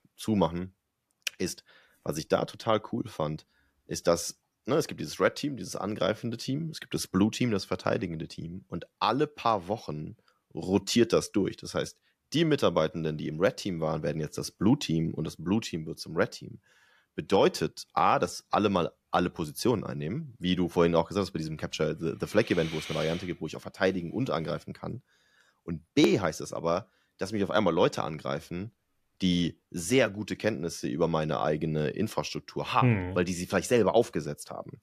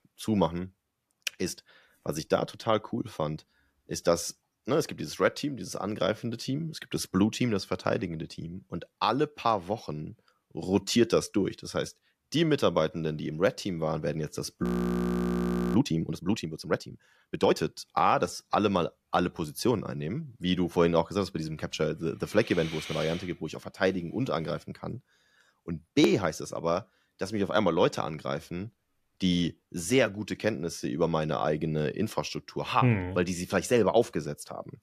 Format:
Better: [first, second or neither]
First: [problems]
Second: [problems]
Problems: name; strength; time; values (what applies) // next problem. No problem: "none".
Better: first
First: none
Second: audio freezing; at 15 s for 1 s